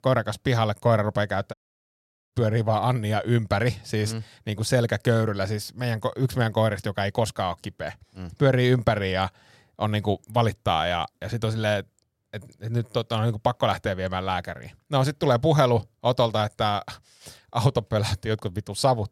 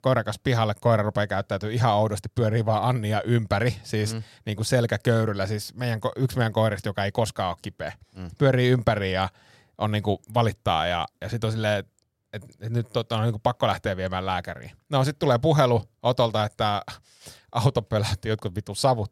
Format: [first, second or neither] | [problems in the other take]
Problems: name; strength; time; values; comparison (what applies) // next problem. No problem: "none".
second | audio cutting out; at 1.5 s for 1 s